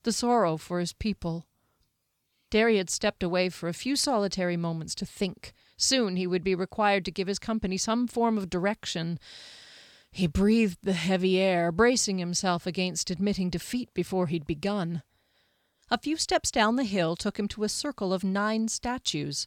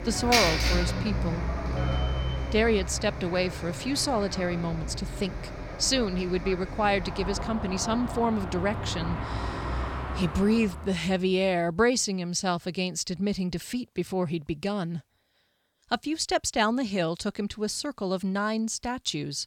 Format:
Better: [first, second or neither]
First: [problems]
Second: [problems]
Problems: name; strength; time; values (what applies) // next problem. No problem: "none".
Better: first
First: none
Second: traffic noise; loud; until 10 s; 4 dB below the speech